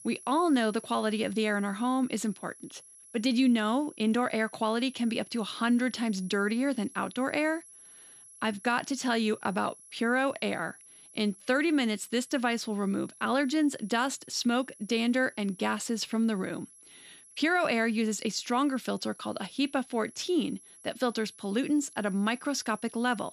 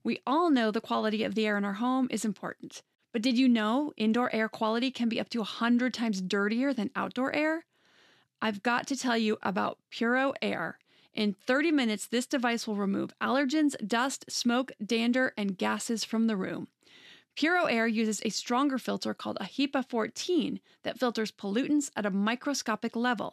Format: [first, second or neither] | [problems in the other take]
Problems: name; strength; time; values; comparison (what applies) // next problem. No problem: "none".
second | high-pitched whine; faint; throughout; 11 kHz, 20 dB below the speech